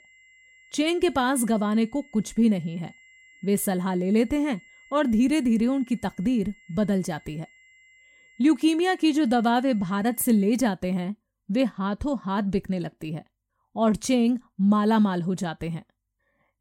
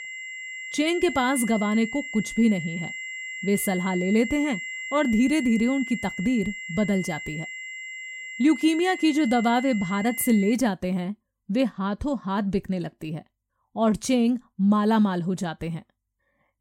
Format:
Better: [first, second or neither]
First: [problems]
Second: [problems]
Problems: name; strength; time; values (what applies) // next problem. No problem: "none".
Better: first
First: high-pitched whine; faint; until 11 s; 2 kHz, 30 dB below the speech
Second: high-pitched whine; loud; until 11 s; 2 kHz, 9 dB below the speech